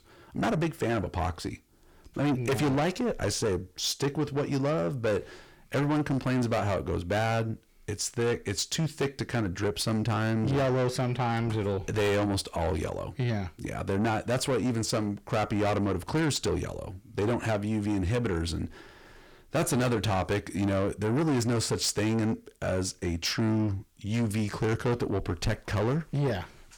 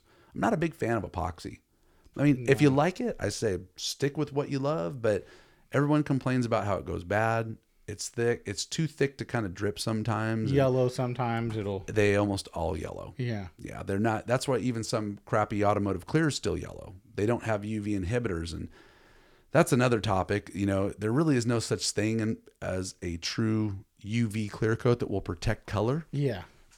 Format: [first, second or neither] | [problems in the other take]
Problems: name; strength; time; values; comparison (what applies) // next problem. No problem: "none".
second | distortion; heavy; 7 dB below the speech